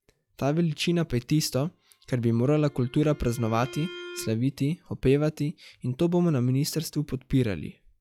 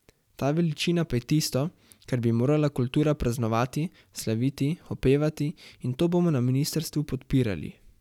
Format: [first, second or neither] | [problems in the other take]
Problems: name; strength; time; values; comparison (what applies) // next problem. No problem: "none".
second | noise reduction (classical method log-MMSE)